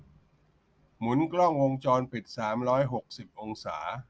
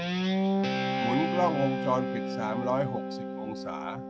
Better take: first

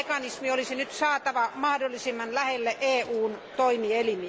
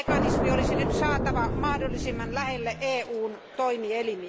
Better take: first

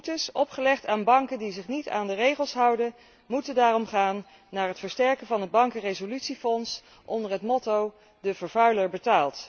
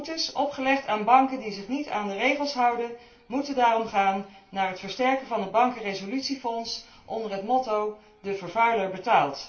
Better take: first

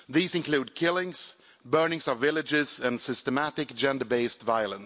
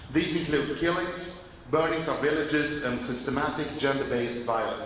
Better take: first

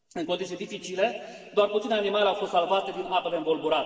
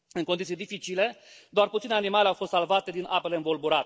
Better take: second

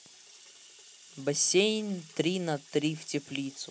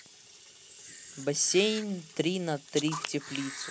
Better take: first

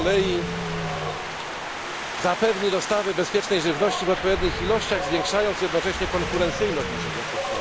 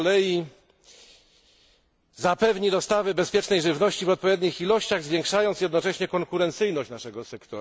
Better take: second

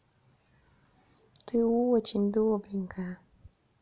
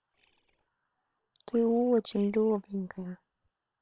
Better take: first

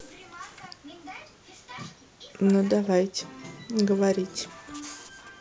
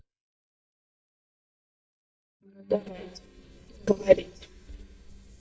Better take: first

